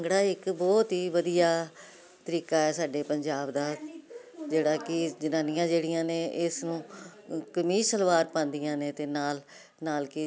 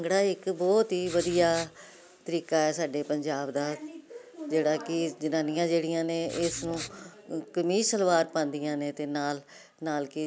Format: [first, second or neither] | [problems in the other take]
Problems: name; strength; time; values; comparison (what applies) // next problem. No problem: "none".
first | background sound (Writing); 13 dB below the speech